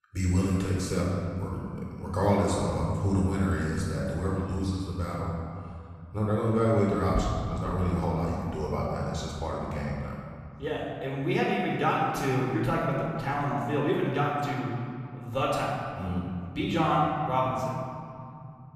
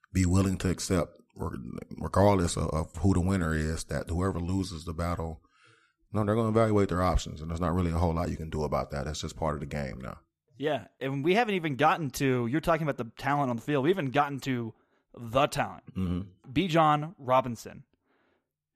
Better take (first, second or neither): second